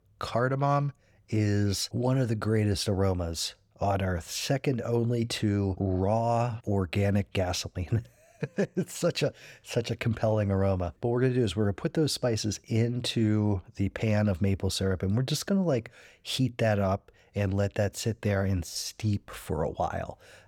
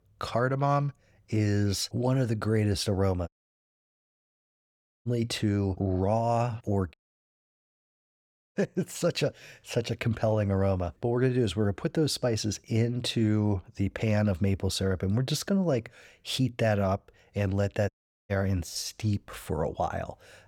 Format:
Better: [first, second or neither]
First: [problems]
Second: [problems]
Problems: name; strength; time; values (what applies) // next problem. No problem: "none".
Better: first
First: none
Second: audio cutting out; at 3.5 s for 2 s, at 7 s for 1.5 s and at 18 s